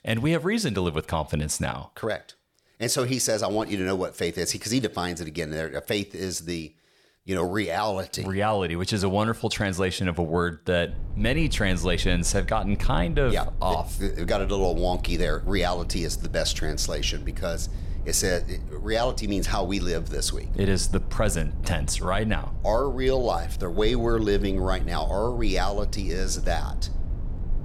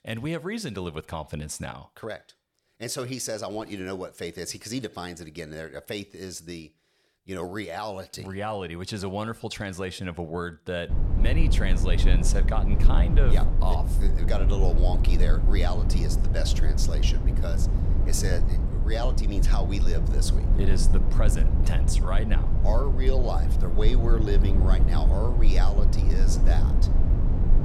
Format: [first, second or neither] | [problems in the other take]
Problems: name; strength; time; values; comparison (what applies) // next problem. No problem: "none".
first | low rumble; loud; from 11 s on; 5 dB below the speech; faint in the first